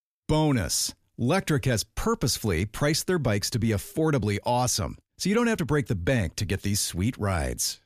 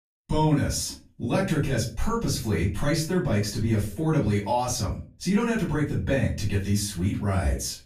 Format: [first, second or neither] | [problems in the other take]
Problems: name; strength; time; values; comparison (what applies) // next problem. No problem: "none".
first | off-mic speech; far // room echo; slight; dies away in 0.3 s